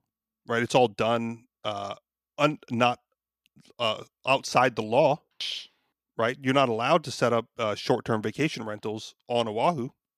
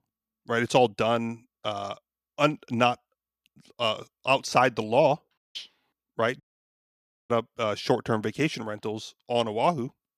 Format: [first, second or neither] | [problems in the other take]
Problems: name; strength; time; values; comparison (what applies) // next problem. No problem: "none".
first | audio cutting out; at 5.5 s and at 6.5 s for 1 s